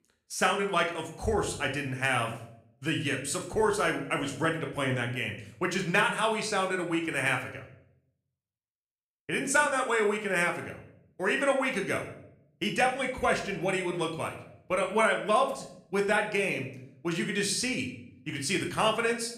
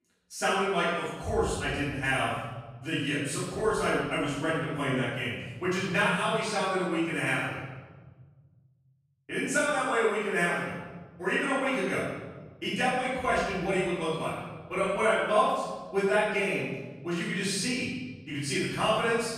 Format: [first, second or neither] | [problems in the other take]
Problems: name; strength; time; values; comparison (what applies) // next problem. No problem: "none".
first | room echo; strong; dies away in 1.5 s; slight in the first // off-mic speech; far